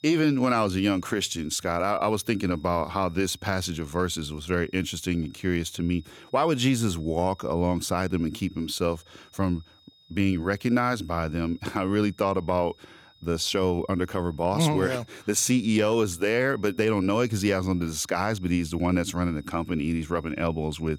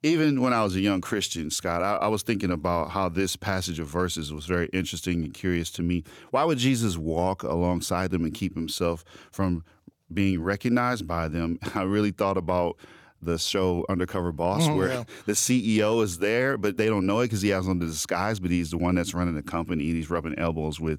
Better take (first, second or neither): second